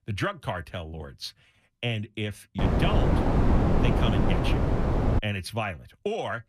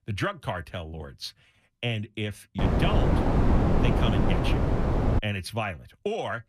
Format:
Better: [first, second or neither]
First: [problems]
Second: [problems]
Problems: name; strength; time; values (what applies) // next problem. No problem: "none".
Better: neither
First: wind noise on the microphone; heavy; from 2.5 to 5 s; 3 dB above the speech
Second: wind noise on the microphone; heavy; from 2.5 to 5 s; 3 dB above the speech